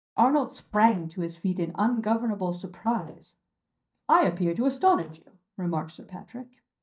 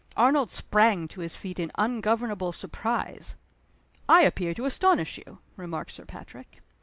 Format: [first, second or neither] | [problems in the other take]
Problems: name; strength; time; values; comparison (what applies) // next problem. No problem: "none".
second | noise reduction (neural mask model DeepFilterNet 3)